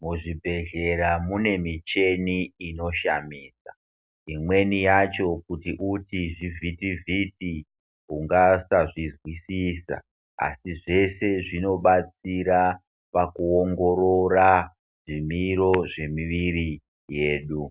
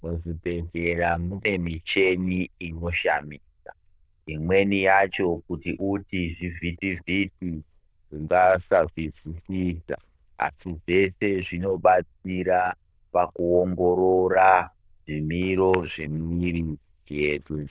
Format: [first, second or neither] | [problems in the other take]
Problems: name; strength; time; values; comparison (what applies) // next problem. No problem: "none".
first | noise reduction (neural diffusion model UNIVERSE++)